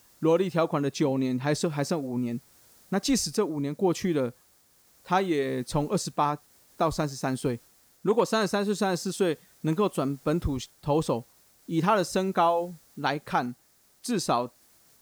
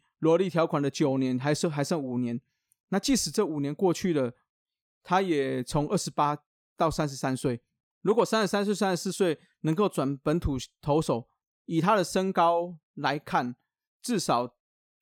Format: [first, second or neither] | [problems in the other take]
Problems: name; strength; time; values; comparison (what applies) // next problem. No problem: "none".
second | hiss; faint; throughout; 30 dB below the speech